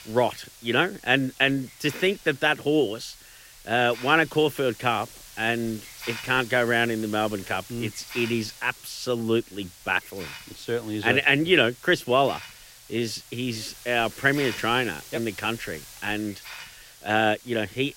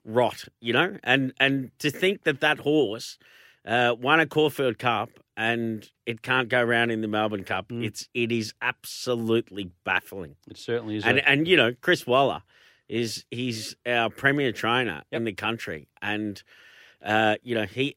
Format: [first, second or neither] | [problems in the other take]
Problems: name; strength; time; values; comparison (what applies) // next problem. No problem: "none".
second | hiss; noticeable; throughout; 15 dB below the speech